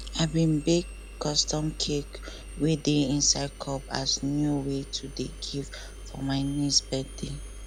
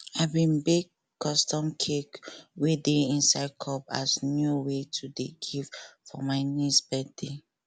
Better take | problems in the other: second | background sound (Engine); 12 dB below the speech

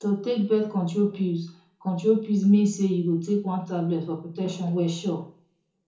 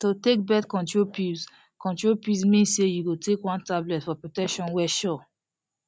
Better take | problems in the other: second | room echo; dies away in 0.6 s

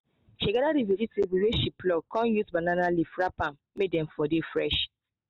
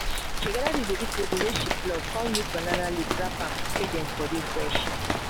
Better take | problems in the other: first | background sound (Rain); 3 dB above the speech

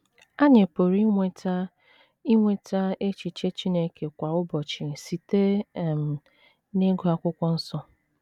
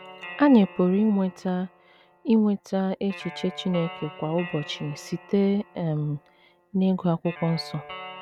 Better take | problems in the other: first | background sound (Guitar); 18 dB below the speech

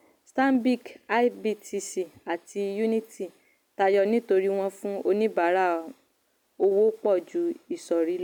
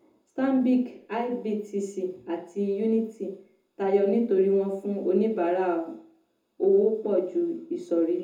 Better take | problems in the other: first | room echo; dies away in 0.5 s

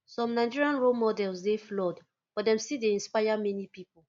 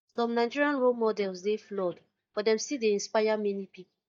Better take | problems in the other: first | noise reduction (neural mask model DeepFilterNet 3)

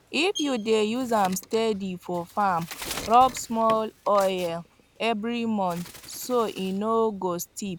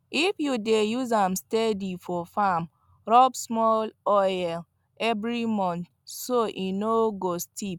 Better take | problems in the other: second | background sound (Bird); 17 dB below the speech

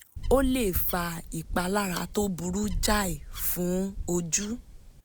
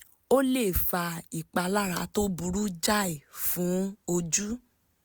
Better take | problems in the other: second | background sound (Bird); 7 dB below the speech

